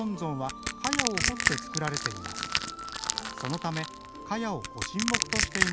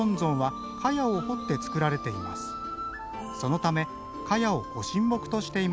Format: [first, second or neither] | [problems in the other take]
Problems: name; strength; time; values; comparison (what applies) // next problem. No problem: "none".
second | background sound (Crushing); 2 dB above the speech